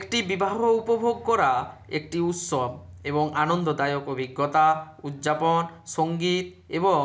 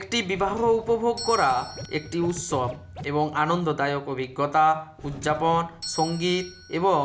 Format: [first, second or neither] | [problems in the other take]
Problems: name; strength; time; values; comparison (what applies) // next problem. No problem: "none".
first | background sound (Scratching (performance technique) + Doorbell); 15 dB below the speech